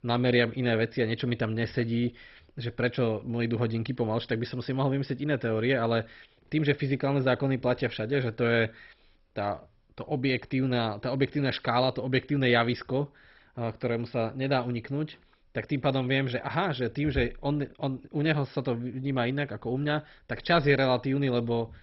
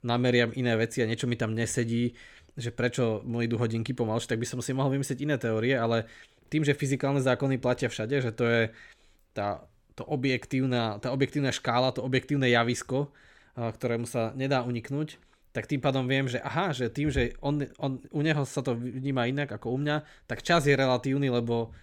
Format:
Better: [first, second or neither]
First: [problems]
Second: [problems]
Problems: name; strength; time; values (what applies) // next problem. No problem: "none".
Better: second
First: garbled, watery; badly; nothing above 5.5 kHz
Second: none